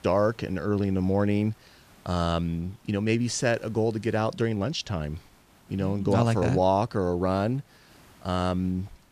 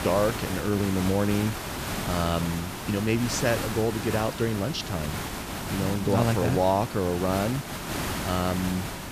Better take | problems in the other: first | hiss; loud; throughout; 5 dB below the speech; faint in the first

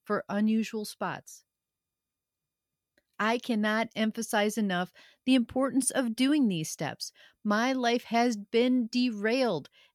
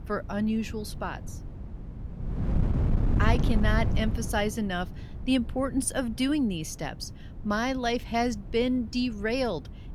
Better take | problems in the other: first | wind noise on the microphone; occasional gusts; 15 dB below the speech

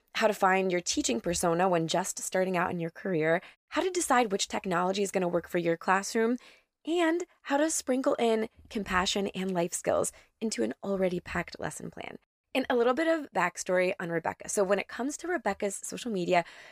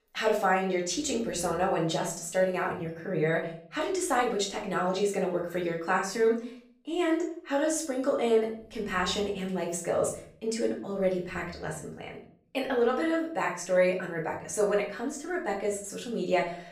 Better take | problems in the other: first | room echo; slight; dies away in 0.5 s // off-mic speech; far

